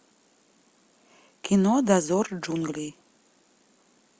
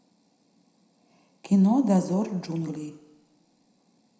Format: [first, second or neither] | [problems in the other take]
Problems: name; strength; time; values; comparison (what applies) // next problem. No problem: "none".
first | room echo; dies away in 0.7 s